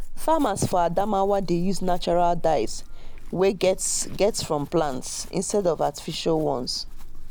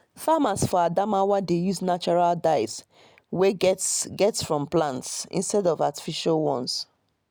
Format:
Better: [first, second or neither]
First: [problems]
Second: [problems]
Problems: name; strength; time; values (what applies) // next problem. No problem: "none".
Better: second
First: background sound (Chewing, mastication / Livestock, farm animals, working animals); 6 dB below the speech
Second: none